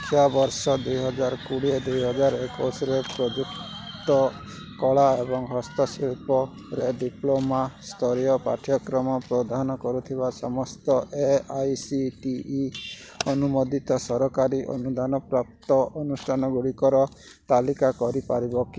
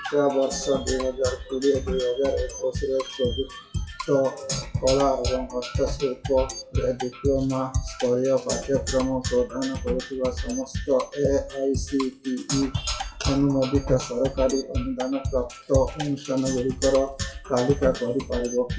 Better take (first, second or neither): first